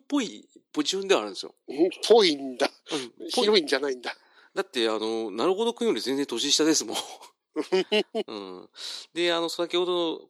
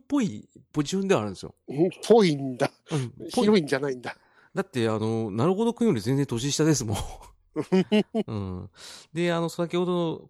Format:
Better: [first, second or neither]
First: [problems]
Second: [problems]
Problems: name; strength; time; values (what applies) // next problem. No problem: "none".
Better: second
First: thin; somewhat; fading below 300 Hz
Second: none